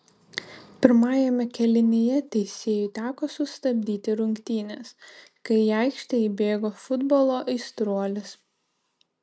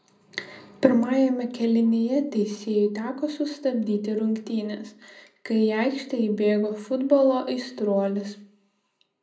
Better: first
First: none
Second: room echo; dies away in 0.4 s

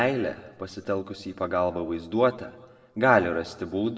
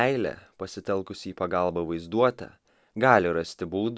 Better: second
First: room echo; dies away in 1.1 s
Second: none

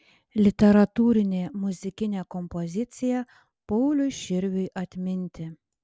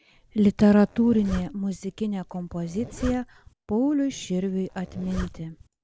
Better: first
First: none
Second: background sound (Zipper (clothing)); 15 dB below the speech

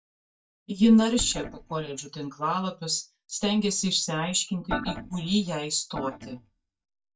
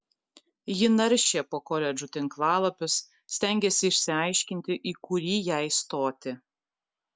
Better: second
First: noise reduction (neural mask model DeepFilterNet 3)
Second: none

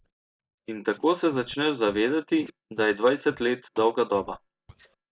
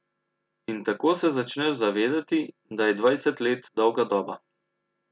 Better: second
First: noise reduction (neural mask model DeepFilterNet 3)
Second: none

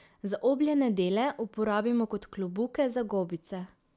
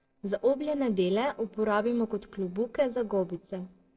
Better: first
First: none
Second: noise reduction (neural separator model SepFormer DNS4)

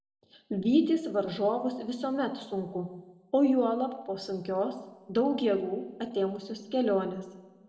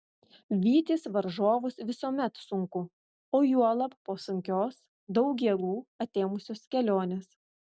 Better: second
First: room echo; dies away in 0.8 s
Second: none

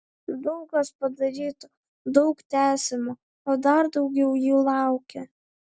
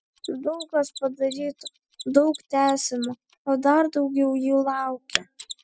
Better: first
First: none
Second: noise reduction (classical method spectral subtraction)

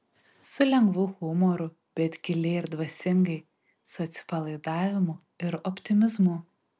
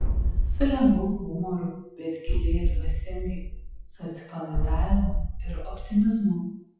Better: first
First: none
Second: noise reduction (classical method WPE with log-MMSE)

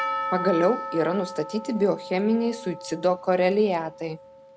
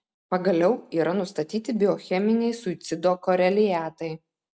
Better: second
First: background sound (Percussion); 9 dB below the speech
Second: none

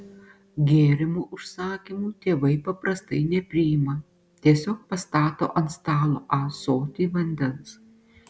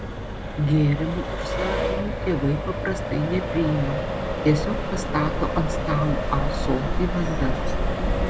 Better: first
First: none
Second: background sound (Accelerating, revving, vroom); as loud as the speech

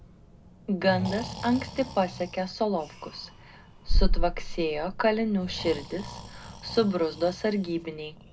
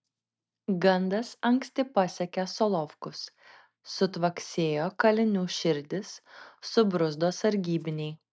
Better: second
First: background sound (Breathing); 2 dB below the speech // room echo; dies away in 0.2 s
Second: none

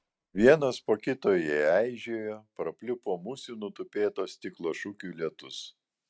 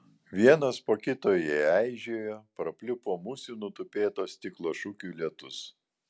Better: second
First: noise reduction (neural mask model RNNoise)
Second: none

